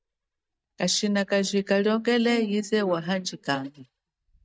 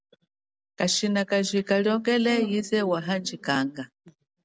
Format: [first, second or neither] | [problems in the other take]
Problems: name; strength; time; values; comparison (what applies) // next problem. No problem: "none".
second | noise reduction (neural mask model DeepFilterNet 3)